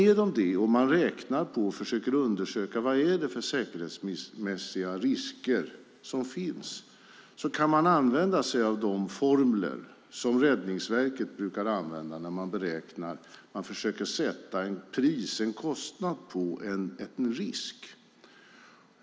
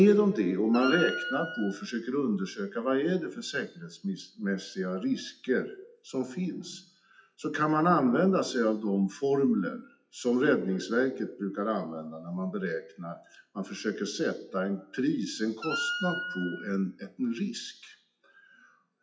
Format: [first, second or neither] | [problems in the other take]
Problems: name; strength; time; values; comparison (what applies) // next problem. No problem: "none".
first | noise reduction (classical method WPE with log-MMSE)